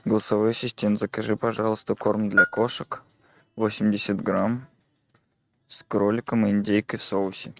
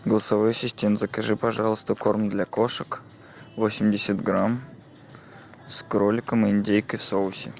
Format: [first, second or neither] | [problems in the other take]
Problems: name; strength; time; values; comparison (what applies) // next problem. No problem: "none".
second | noise reduction (neural mask model RNNoise)